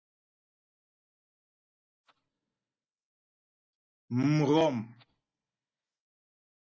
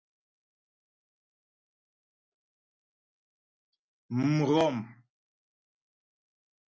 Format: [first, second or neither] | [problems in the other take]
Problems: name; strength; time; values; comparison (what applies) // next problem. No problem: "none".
second | noise reduction (neural mask model DeepFilterNet 3)